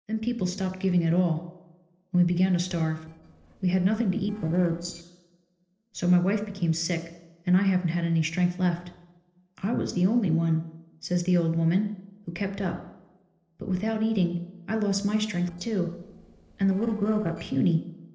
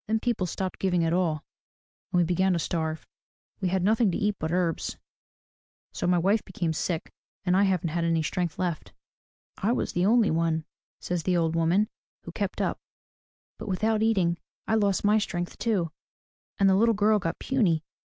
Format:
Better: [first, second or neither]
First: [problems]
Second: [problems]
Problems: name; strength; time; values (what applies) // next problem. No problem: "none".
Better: second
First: noise reduction (neural separator model SepFormer DNS4)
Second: none